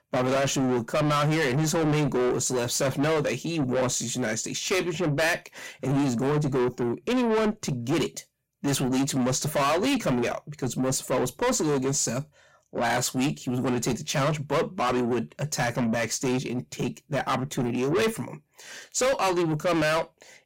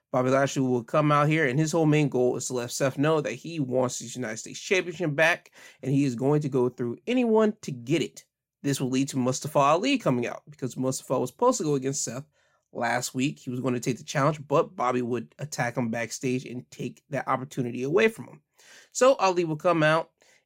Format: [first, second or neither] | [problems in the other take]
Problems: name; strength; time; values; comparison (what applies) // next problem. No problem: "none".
second | distortion; heavy; 6 dB below the speech